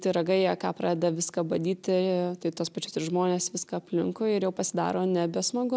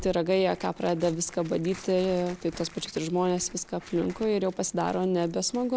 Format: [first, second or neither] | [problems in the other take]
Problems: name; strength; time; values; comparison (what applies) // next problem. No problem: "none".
first | background sound (Tearing); 20 dB below the speech